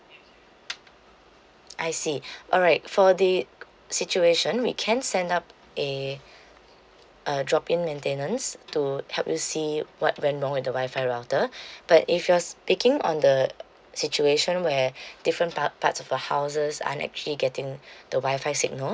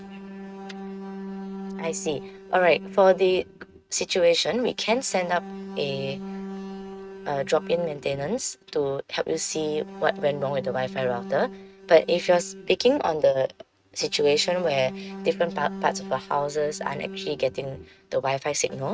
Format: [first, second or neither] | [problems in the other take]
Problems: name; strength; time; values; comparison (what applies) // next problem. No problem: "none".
first | noise reduction (neural mask model RNNoise)